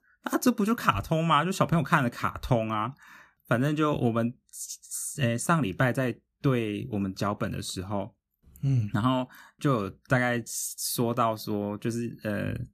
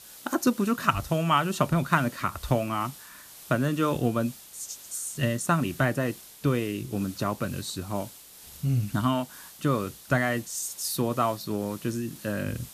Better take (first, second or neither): first